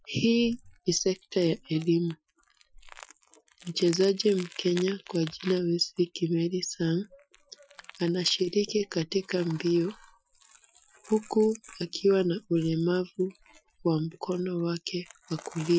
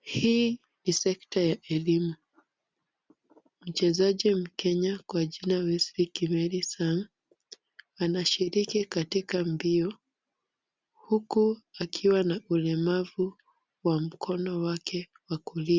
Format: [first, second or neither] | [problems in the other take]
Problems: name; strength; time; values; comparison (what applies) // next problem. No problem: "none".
second | noise reduction (classical method Wiener filter)